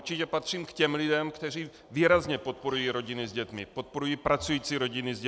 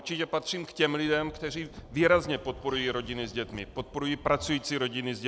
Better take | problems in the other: first | background sound (Wind); 18 dB below the speech

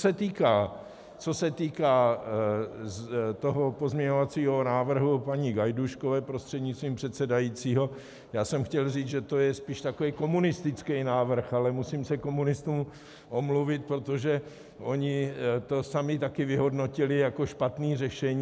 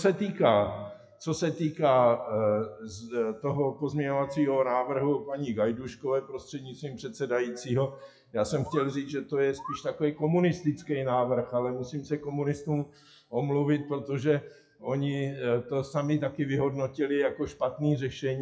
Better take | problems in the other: first | noise reduction (classical method WPE with log-MMSE)

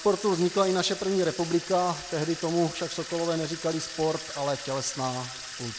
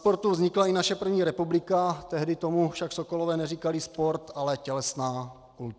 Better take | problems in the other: second | background sound (Sink (filling or washing) / Water tap, faucet); 11 dB below the speech

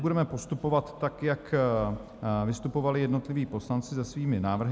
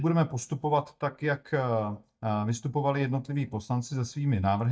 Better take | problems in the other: first | noise reduction (neural mask model DeepFilterNet 3)

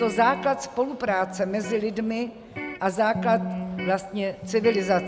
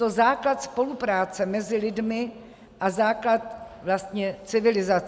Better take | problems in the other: second | background sound (Electric guitar); 10 dB below the speech

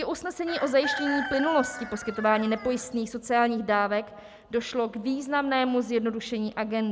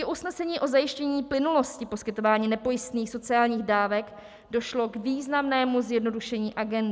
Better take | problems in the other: second | background sound (Chicken, rooster); 8 dB below the speech

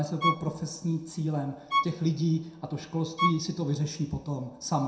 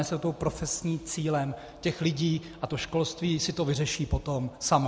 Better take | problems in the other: second | background sound (Bowed string instrument); 4 dB below the speech // room echo; dies away in 0.5 s

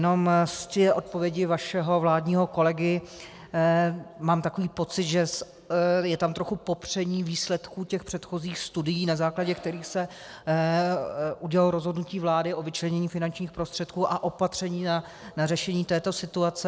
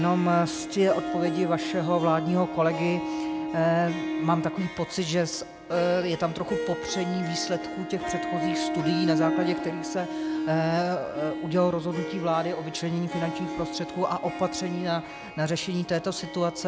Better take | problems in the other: first | background sound (Harp); 5 dB below the speech

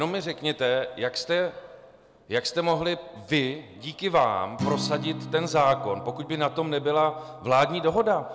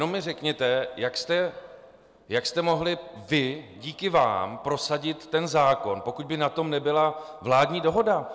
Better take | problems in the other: second | background sound (Acoustic guitar); 14 dB below the speech

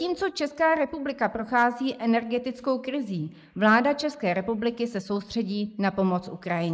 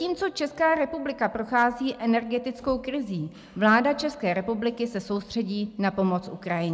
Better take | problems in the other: second | noise reduction (neural mask model Resemble Enhance denoiser)

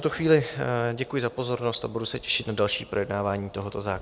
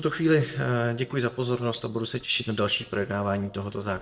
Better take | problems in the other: first | noise reduction (neural separator model SepFormer DNS4)

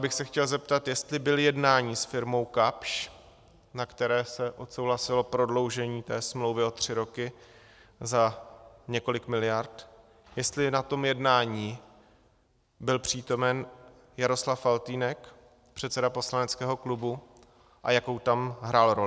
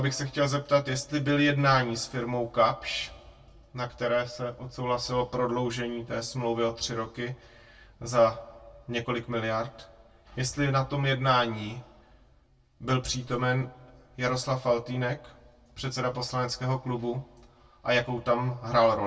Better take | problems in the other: first | room echo; dies away in 0.1 s

